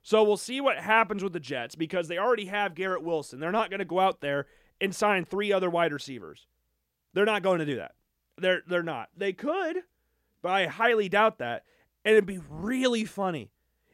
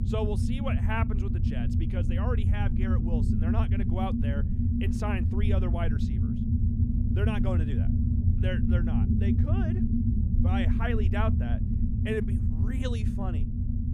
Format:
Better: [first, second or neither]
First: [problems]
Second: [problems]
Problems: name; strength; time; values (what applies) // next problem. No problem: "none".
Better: first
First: none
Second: low rumble; loud; throughout; 1 dB below the speech